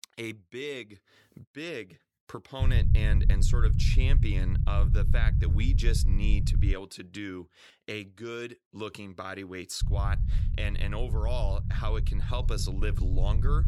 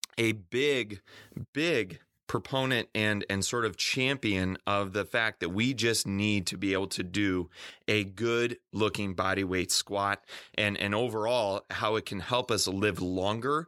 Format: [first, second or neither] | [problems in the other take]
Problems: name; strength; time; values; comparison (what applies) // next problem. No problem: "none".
second | low rumble; loud; from 2.5 to 6.5 s and from 10 s on; 7 dB below the speech